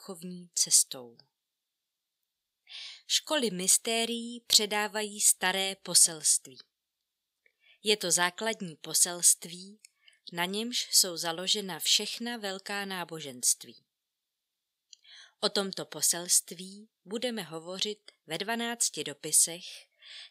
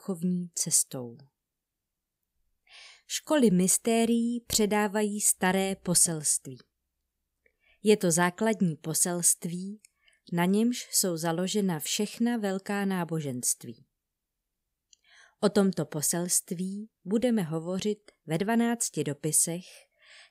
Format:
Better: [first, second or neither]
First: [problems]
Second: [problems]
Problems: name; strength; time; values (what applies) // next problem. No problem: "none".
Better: second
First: thin; somewhat; fading below 800 Hz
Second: none